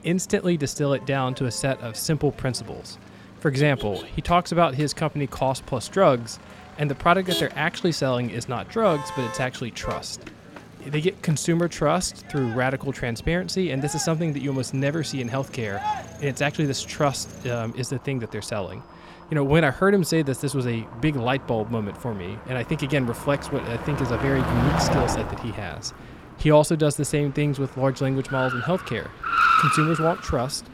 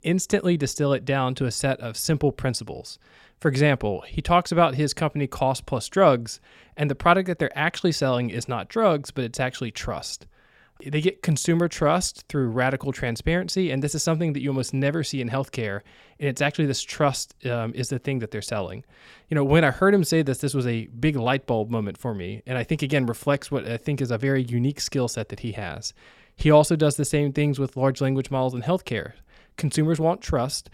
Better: second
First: traffic noise; loud; throughout; 4 dB below the speech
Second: none

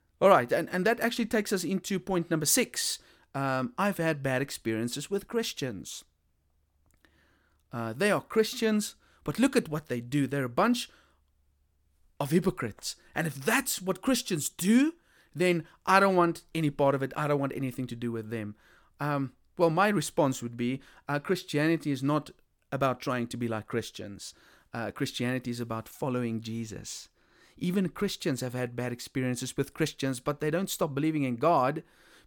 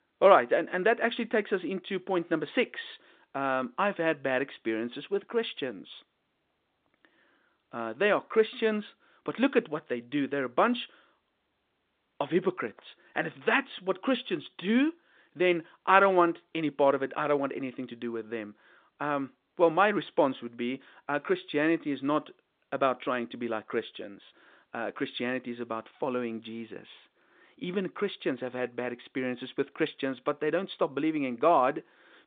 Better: first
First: none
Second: phone-call audio; nothing above 3.5 kHz

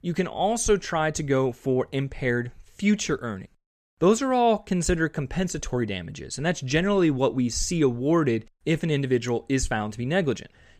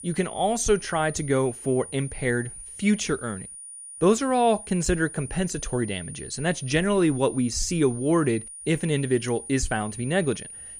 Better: first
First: none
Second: high-pitched whine; noticeable; throughout; 9.5 kHz, 15 dB below the speech

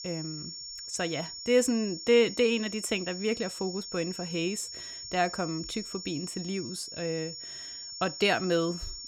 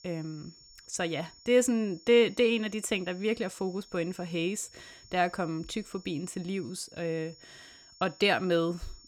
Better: second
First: high-pitched whine; loud; throughout; 5.5 kHz, 9 dB below the speech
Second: high-pitched whine; faint; throughout; 5.5 kHz, 25 dB below the speech

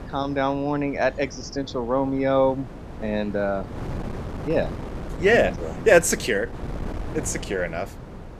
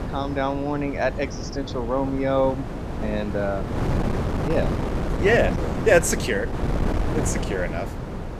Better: first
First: wind noise on the microphone; occasional gusts; 15 dB below the speech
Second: wind noise on the microphone; heavy; 8 dB below the speech

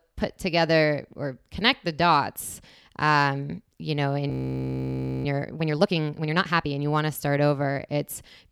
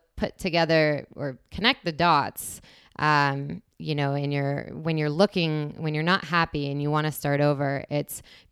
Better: second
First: audio freezing; at 4.5 s for 1 s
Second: none

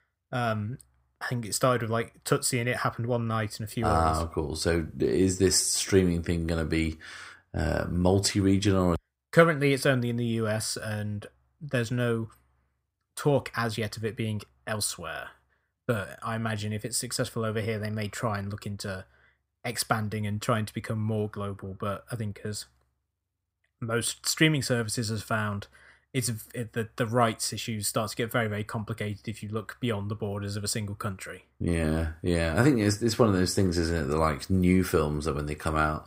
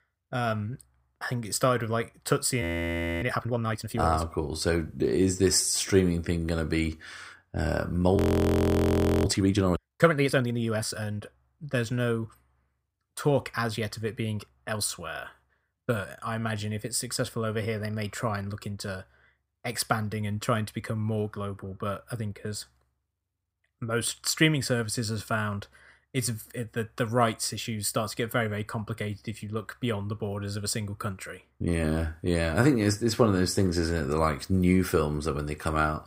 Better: first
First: none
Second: audio freezing; at 2.5 s for 0.5 s and at 8 s for 1 s

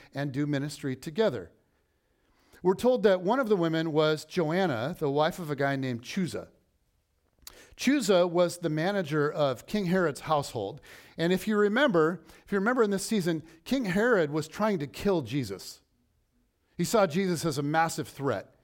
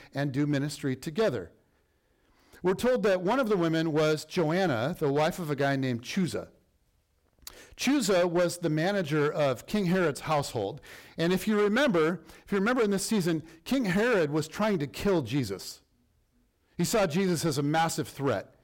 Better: first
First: none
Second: distortion; slight; 9% of the sound clipped

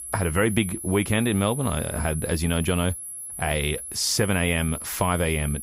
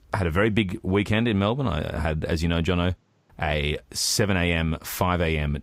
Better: second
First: high-pitched whine; loud; throughout; 11 kHz, 8 dB below the speech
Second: none

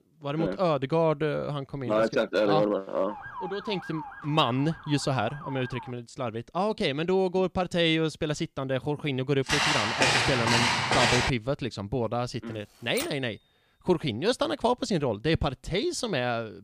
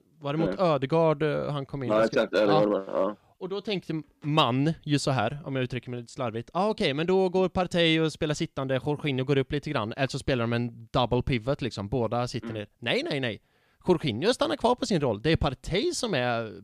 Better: second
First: siren; faint; from 3 to 6 s; peak 10 dB below the speech // footsteps; loud; from 9.5 to 11 s; peak 6 dB above the speech // keyboard typing; noticeable; at 13 s; peak 9 dB below the speech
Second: none

